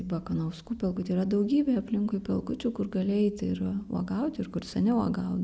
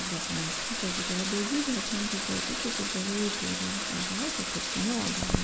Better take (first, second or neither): first